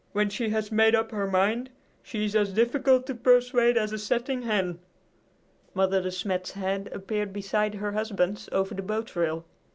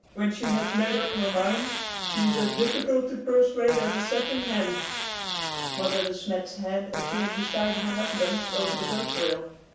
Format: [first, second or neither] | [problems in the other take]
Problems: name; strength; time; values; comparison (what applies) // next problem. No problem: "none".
first | background sound (Fart); 5 dB below the speech // room echo; dies away in 0.7 s